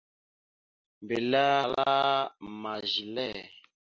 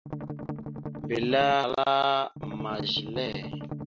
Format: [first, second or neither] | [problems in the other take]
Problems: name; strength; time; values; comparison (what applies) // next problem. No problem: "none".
first | background sound (Strum); 7 dB below the speech